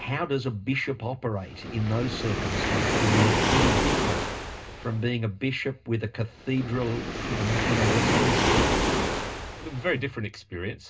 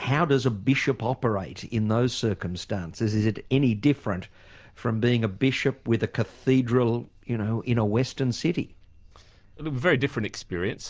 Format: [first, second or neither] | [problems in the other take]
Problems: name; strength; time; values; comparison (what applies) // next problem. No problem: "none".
second | background sound (Waves, surf); 2 dB above the speech // room echo; dies away in 0.2 s